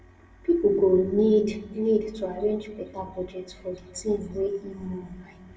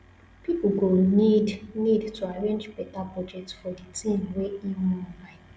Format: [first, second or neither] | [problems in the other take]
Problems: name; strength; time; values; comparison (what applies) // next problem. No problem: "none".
second | room echo; dies away in 2 s